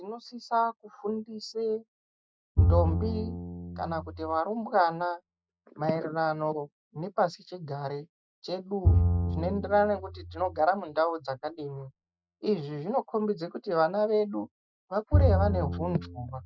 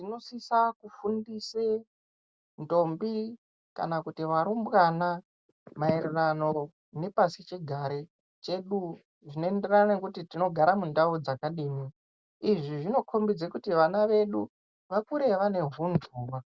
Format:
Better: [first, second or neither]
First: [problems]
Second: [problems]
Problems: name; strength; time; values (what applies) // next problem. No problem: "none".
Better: second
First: noise reduction (classical method Wiener filter)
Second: none